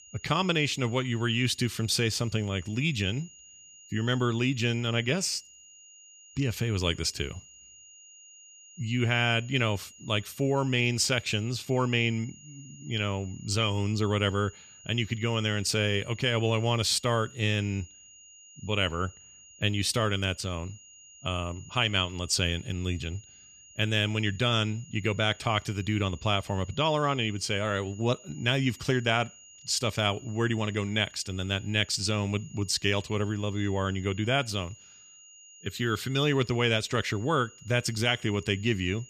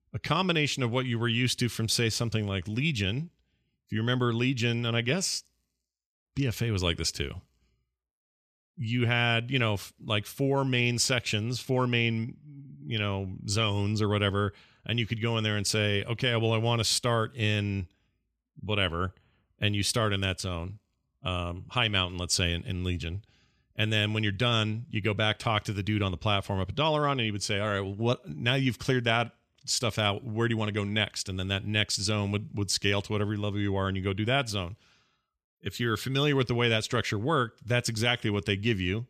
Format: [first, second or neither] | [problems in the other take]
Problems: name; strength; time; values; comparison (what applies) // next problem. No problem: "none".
second | high-pitched whine; faint; throughout; 7 kHz, 20 dB below the speech